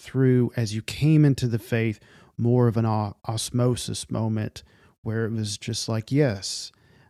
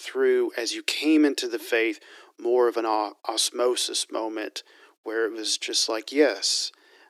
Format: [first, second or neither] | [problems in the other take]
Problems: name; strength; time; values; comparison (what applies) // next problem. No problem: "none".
first | thin; very; fading below 300 Hz